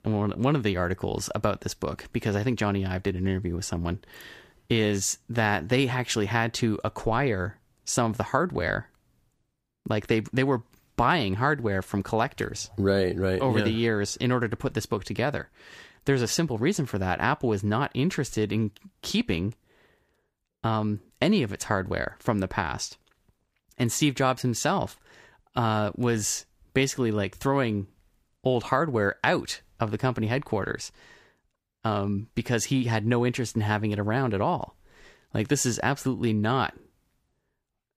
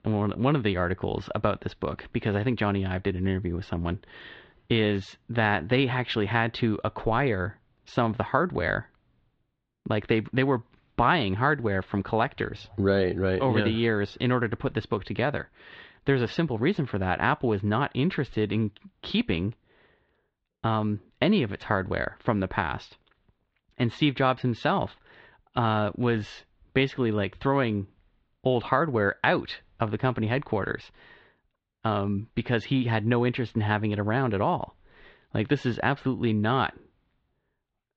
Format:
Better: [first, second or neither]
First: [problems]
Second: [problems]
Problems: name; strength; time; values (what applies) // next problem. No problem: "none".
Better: first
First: none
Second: muffled; very; fading above 4 kHz